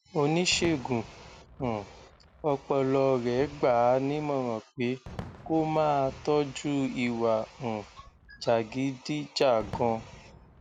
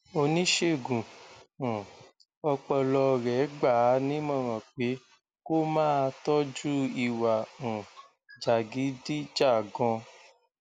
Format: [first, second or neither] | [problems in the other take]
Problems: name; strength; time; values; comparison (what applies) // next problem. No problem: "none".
second | background sound (Fireworks + Bowed string instrument); 19 dB below the speech